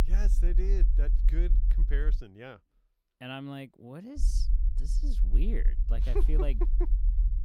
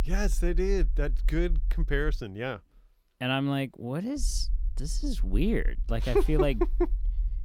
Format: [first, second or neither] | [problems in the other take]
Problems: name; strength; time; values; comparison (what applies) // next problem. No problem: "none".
second | low rumble; loud; until 2 s and from 4 s on; 10 dB below the speech; faint in the second